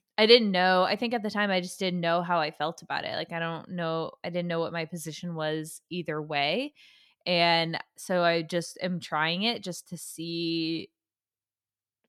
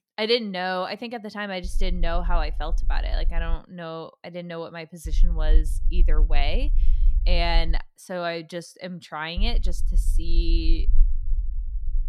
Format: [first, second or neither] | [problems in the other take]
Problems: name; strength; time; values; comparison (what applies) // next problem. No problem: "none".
first | low rumble; faint; from 1.5 to 3.5 s, from 5 to 8 s and from 9.5 s on; 25 dB below the speech